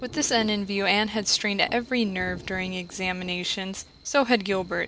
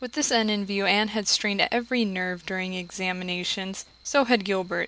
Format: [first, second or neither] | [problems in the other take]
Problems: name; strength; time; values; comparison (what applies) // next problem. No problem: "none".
second | background sound (Thunder / Rain); 19 dB below the speech